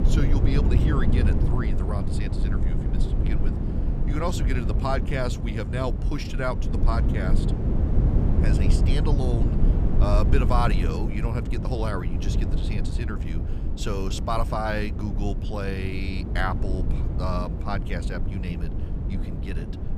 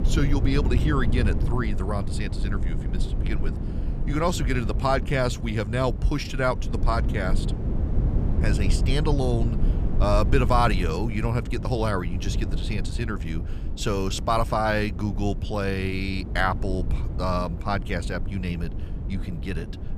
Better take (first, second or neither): second